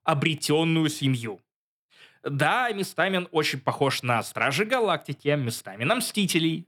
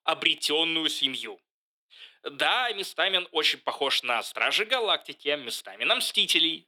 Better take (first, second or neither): first